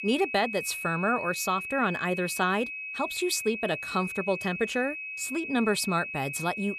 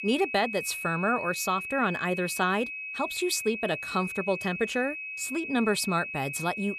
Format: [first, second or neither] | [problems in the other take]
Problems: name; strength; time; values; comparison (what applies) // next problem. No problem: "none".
neither | high-pitched whine; loud; throughout; 2.5 kHz, 6 dB below the speech; the same in both